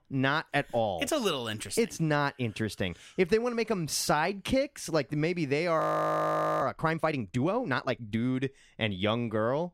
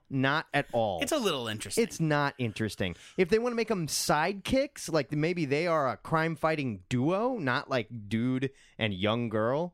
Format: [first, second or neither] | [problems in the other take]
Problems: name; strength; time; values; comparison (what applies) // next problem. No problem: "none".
second | audio freezing; at 6 s for 1 s